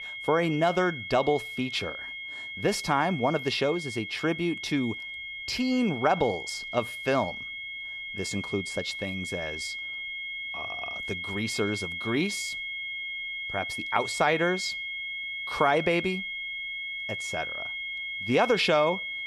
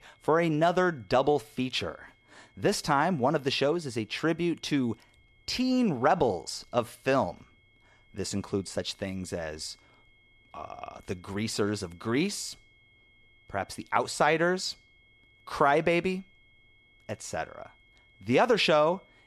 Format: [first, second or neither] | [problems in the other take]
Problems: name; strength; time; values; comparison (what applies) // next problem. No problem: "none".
second | high-pitched whine; loud; throughout; 2 kHz, 5 dB below the speech; faint in the second